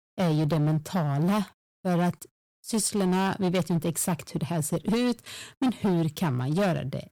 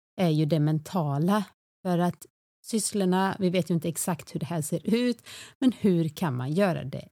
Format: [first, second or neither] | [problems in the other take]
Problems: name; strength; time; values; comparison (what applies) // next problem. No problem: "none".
second | distortion; slight; 13% of the sound clipped